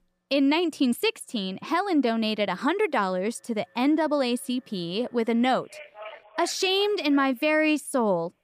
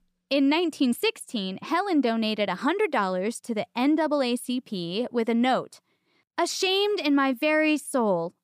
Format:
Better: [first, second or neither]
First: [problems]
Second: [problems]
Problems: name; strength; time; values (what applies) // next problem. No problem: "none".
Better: second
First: alarms or sirens; faint; throughout; 20 dB below the speech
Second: none